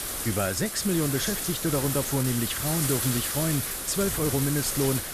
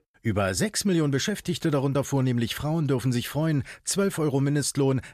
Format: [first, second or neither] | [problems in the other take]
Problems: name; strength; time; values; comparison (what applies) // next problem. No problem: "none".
second | wind noise on the microphone; heavy; 1 dB below the speech